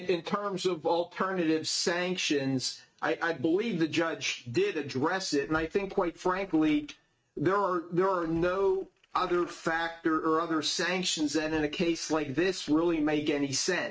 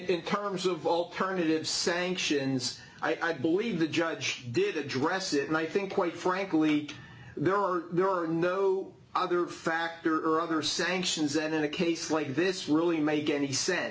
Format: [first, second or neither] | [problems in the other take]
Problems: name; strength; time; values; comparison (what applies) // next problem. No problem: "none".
second | noise reduction (neural mask model RNNoise)